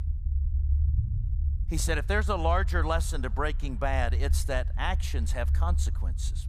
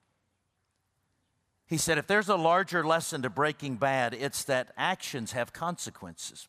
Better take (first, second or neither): second